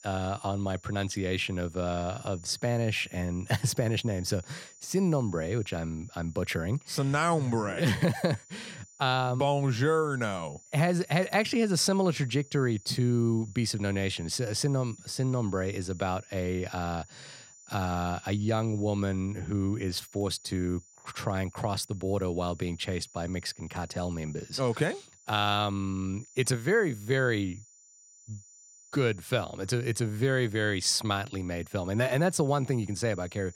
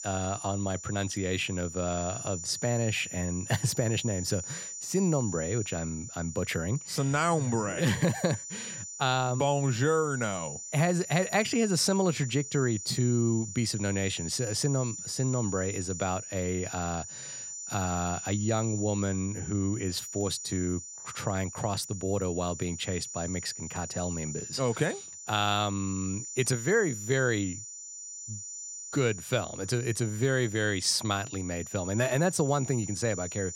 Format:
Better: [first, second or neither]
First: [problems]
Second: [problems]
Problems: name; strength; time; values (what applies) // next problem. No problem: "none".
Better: first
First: high-pitched whine; faint; throughout; 7 kHz, 25 dB below the speech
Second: high-pitched whine; loud; throughout; 7 kHz, 9 dB below the speech